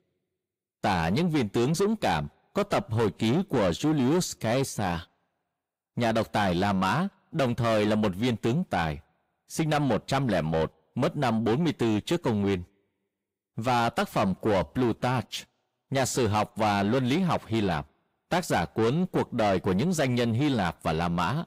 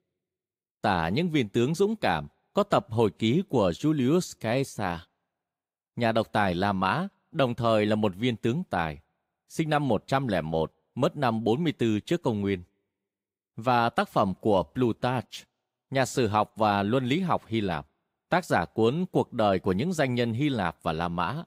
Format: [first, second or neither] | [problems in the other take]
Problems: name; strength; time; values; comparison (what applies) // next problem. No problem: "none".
second | distortion; heavy; 8 dB below the speech